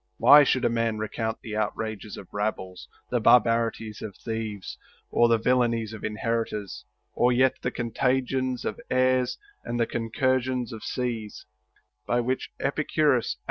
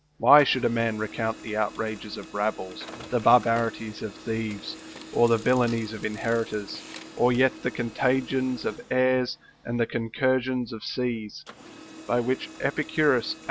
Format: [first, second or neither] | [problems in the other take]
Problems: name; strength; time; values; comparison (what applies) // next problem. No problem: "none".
first | background sound (Printer); 18 dB below the speech